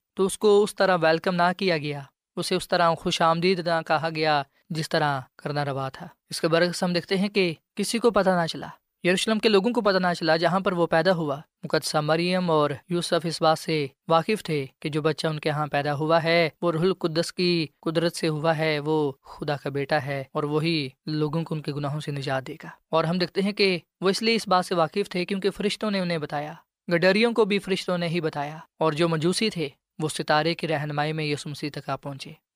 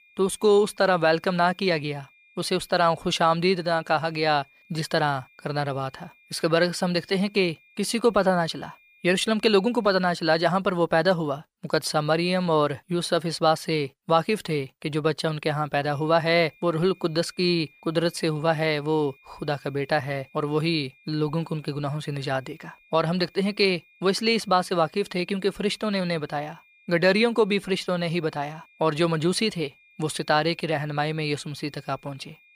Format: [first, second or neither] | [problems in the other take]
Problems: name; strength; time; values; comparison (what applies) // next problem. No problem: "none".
first | high-pitched whine; faint; until 10 s and from 16 s on; 2.5 kHz, 30 dB below the speech